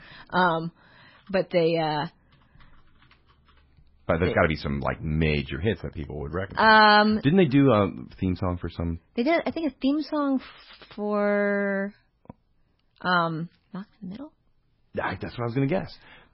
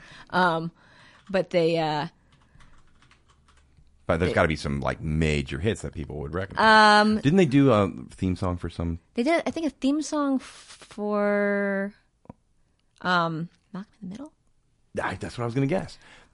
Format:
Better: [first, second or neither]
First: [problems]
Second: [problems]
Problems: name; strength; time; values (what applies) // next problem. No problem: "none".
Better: second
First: garbled, watery; badly; nothing above 4.5 kHz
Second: garbled, watery; slightly; nothing above 10.5 kHz